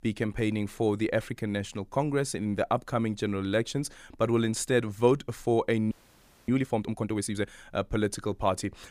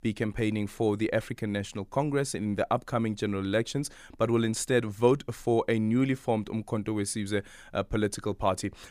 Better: second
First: audio freezing; at 6 s for 0.5 s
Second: none

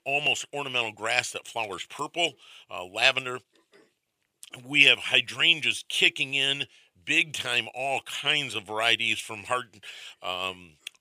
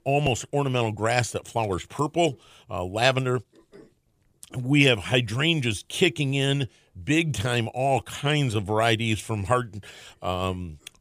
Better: second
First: thin; somewhat; fading below 950 Hz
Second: none

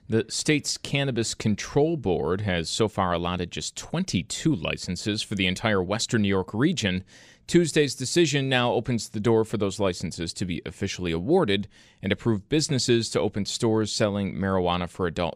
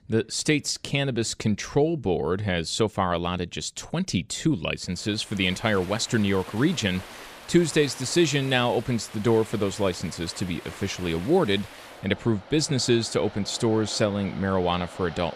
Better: first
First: none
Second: rain or running water; noticeable; from 5 s on; 15 dB below the speech

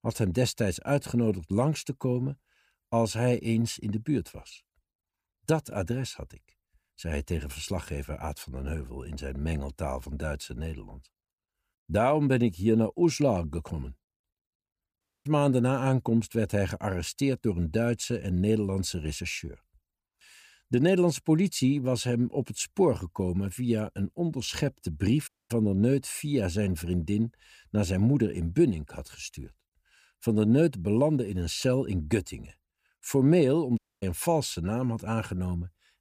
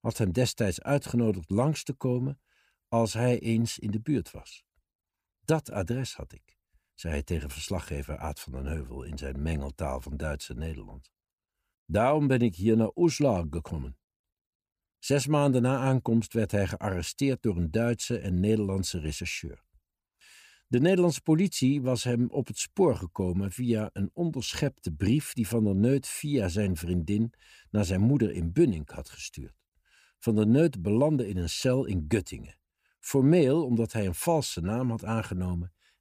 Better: second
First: audio cutting out; at 15 s, at 25 s and at 34 s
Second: none

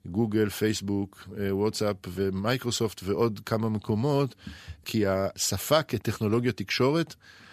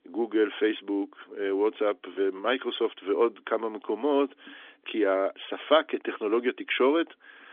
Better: first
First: none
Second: phone-call audio; nothing above 3.5 kHz

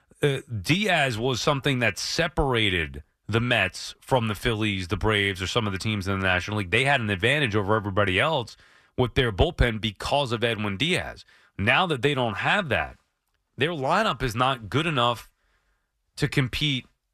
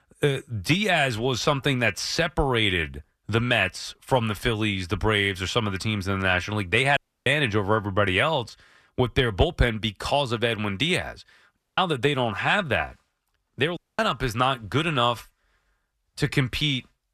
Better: first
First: none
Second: audio cutting out; at 7 s, at 12 s and at 14 s

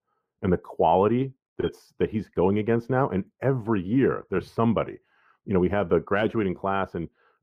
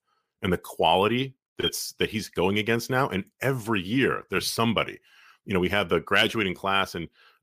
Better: second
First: muffled; very; fading above 2 kHz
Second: none

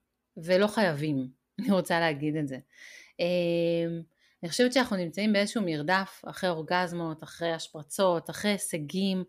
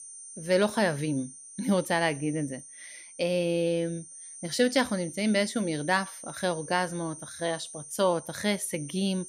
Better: first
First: none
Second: high-pitched whine; noticeable; throughout; 9 kHz, 15 dB below the speech

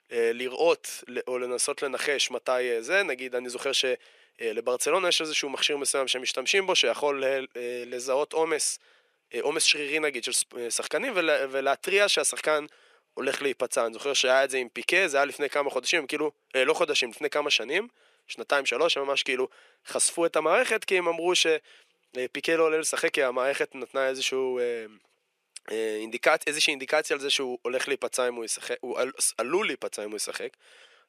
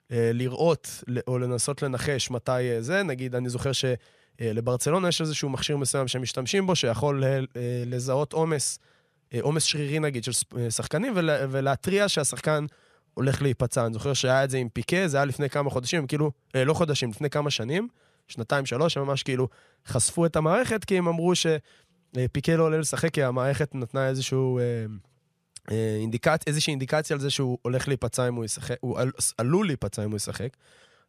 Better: second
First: thin; very; fading below 350 Hz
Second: none

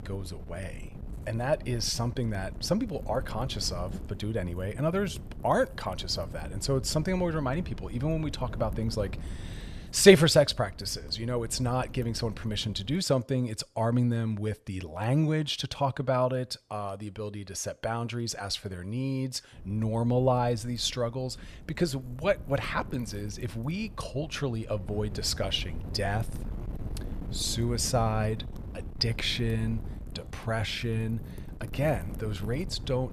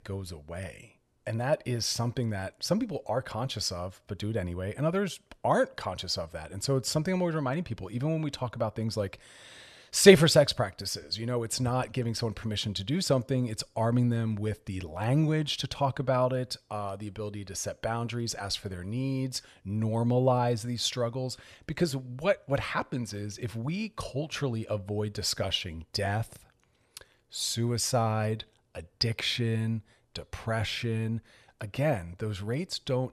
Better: second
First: wind noise on the microphone; occasional gusts; until 13 s and from 20 s on; 20 dB below the speech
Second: none

